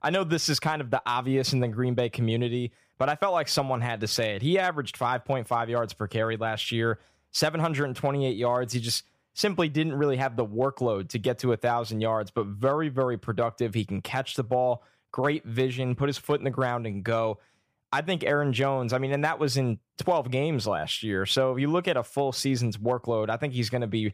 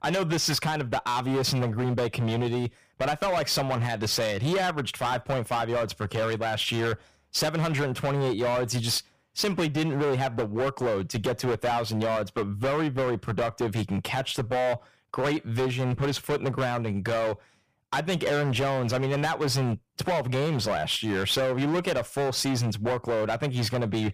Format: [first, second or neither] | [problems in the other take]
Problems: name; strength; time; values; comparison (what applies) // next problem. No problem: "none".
first | distortion; heavy; 22% of the sound clipped